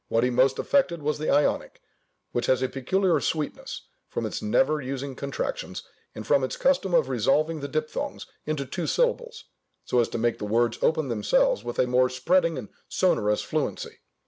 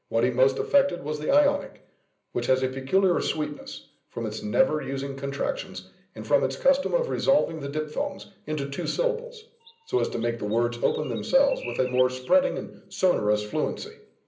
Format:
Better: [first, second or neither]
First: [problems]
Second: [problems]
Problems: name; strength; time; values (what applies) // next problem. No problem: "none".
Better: first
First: none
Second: background sound (Chirp, tweet); 19 dB below the speech // room echo; dies away in 0.5 s